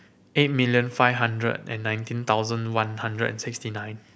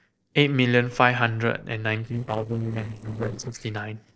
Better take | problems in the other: first | noise reduction (neural separator model SepFormer DNS4)

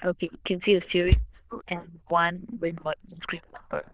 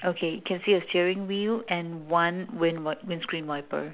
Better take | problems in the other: second | noise reduction (neural diffusion model UNIVERSE++)

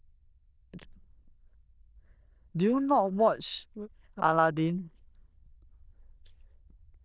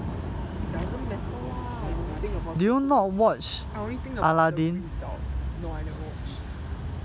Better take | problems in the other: second | noise reduction (neural diffusion model UNIVERSE++)

